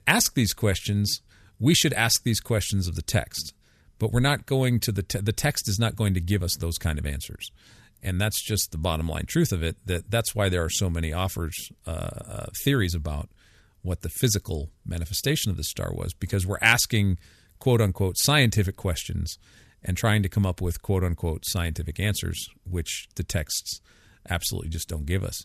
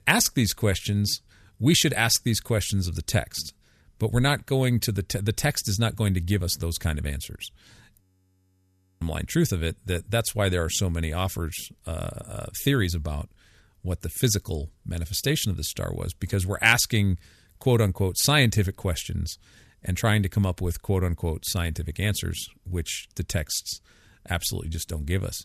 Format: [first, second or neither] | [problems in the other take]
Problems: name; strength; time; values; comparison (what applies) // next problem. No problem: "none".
first | audio freezing; at 8 s for 1 s